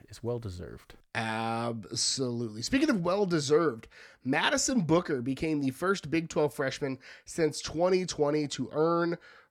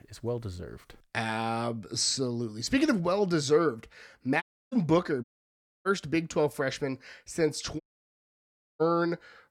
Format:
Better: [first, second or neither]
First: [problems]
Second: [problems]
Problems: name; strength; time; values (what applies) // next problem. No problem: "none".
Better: first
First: none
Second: audio cutting out; at 4.5 s, at 5 s for 0.5 s and at 8 s for 1 s